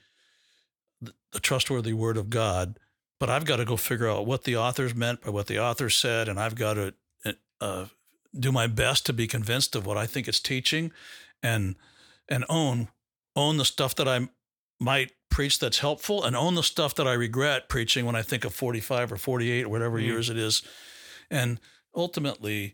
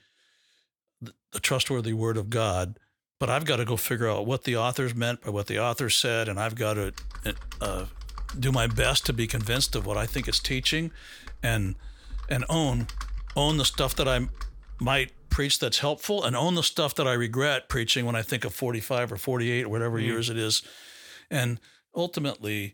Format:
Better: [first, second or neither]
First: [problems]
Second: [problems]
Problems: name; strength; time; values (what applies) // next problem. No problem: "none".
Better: first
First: none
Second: keyboard typing; faint; from 7 to 15 s; peak 10 dB below the speech